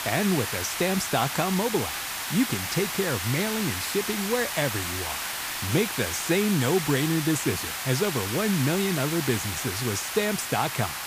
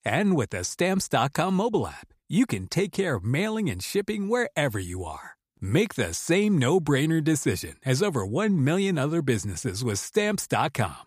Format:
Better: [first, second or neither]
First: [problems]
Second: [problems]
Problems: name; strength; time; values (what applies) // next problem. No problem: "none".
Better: second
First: hiss; loud; throughout; 3 dB below the speech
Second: none